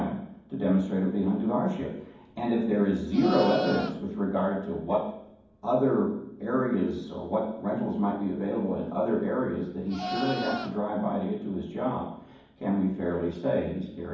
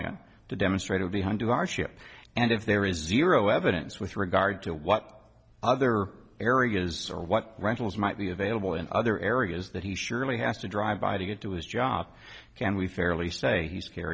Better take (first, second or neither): second